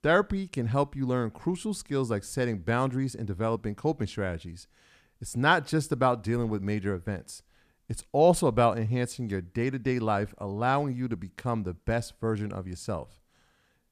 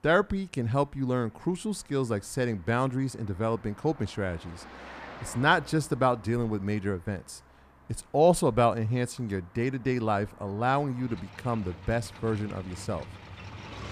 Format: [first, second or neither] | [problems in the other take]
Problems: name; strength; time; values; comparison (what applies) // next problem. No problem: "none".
first | traffic noise; noticeable; throughout; 20 dB below the speech